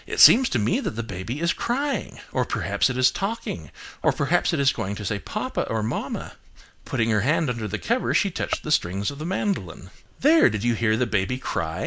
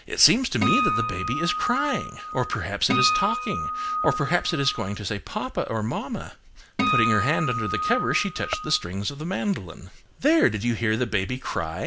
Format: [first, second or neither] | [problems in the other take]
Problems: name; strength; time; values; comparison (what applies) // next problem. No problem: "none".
first | background sound (Acoustic guitar); 1 dB below the speech